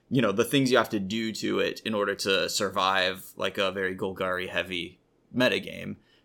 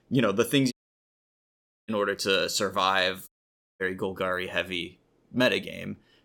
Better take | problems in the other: first | audio cutting out; at 0.5 s for 1 s and at 3.5 s for 0.5 s

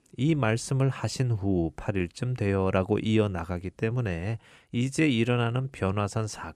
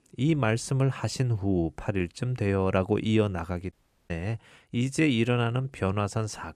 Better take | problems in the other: first | audio cutting out; at 3.5 s

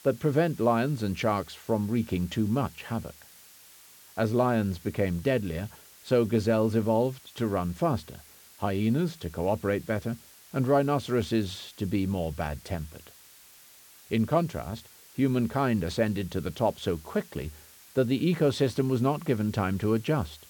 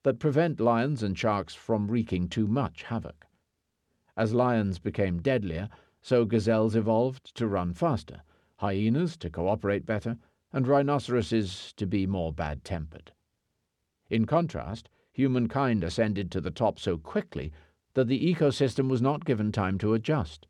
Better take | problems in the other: second | hiss; faint; throughout; 20 dB below the speech

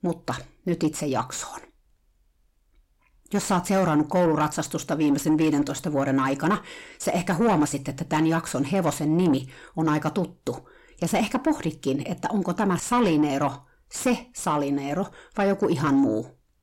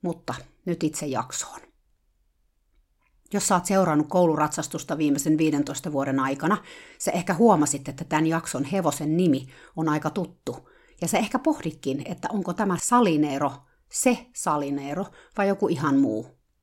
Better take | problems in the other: second | distortion; slight; 10 dB below the speech

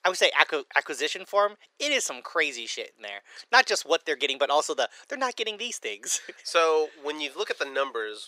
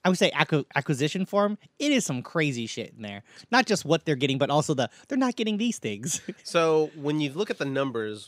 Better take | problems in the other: second | thin; very; fading below 450 Hz

